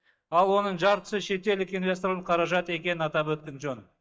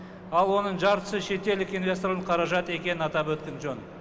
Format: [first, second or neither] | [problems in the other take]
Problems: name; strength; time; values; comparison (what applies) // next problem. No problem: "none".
second | noise reduction (neural mask model DeepFilterNet 3)